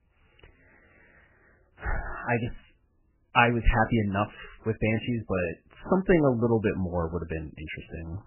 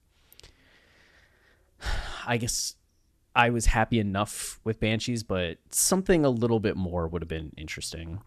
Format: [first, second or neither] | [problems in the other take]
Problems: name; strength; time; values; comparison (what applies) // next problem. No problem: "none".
second | garbled, watery; badly; nothing above 3 kHz